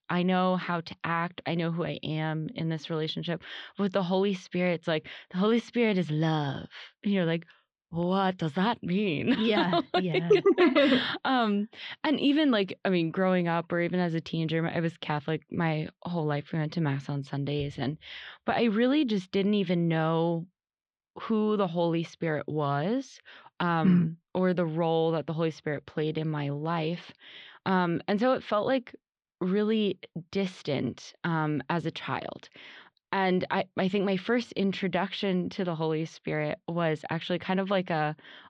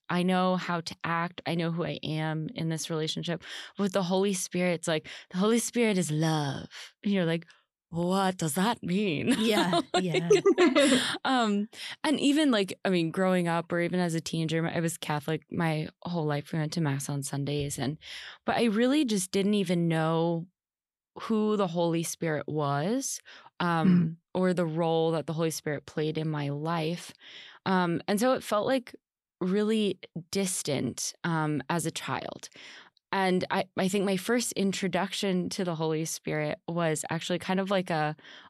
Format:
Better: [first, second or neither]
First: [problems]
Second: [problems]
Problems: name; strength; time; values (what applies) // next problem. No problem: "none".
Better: second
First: muffled; slightly; fading above 4 kHz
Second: none